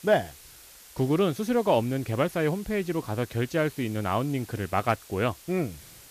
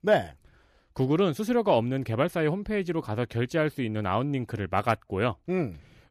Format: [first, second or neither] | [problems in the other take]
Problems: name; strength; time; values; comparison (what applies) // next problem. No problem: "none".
second | hiss; noticeable; throughout; 20 dB below the speech